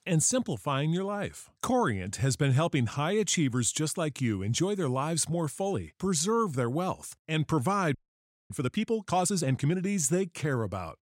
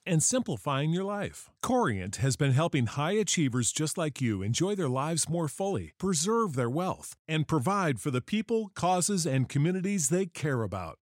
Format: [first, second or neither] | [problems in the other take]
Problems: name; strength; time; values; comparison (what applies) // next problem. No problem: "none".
second | audio freezing; at 8 s for 0.5 s